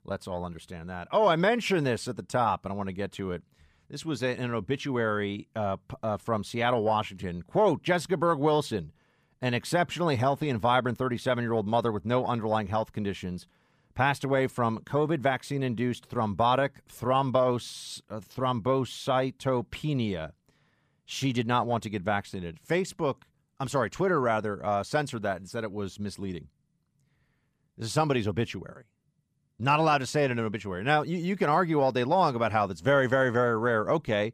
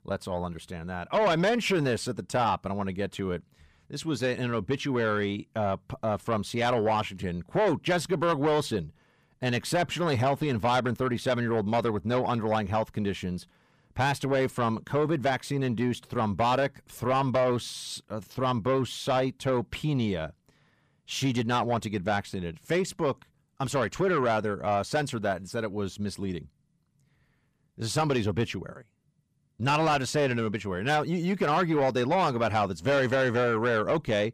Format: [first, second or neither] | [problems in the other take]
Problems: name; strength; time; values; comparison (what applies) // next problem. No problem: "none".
first | distortion; slight; 10 dB below the speech